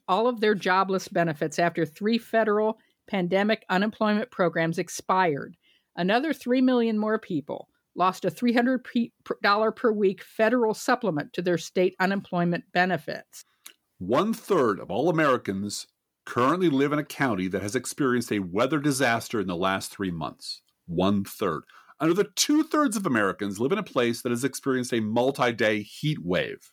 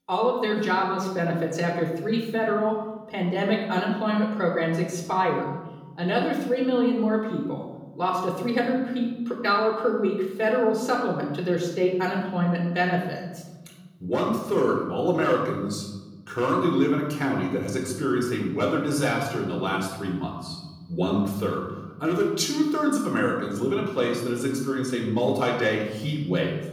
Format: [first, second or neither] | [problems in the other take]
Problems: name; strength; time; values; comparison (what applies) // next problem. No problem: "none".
first | off-mic speech; far // room echo; noticeable; dies away in 1.4 s